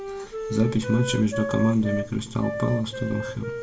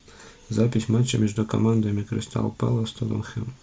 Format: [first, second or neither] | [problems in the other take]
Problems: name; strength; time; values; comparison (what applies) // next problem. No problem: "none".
second | background sound (Wind instrument, woodwind instrument); 7 dB below the speech // room echo; dies away in 1.3 s